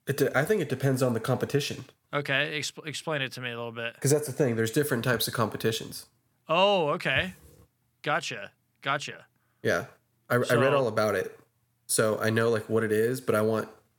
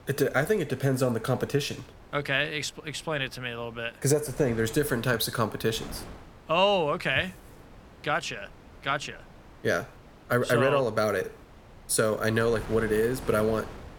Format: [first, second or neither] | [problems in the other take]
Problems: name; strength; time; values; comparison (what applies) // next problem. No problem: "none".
first | wind noise on the microphone; occasional gusts; 20 dB below the speech